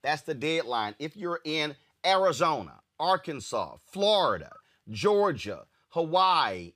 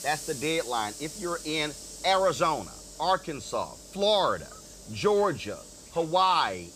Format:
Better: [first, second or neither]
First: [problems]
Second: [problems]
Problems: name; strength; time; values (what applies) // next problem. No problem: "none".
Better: first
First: none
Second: hiss; noticeable; throughout; 15 dB below the speech